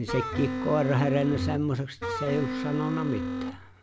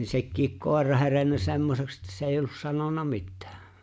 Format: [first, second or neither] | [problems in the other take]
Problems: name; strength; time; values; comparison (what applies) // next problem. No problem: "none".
second | background sound (Wind instrument, woodwind instrument); 4 dB below the speech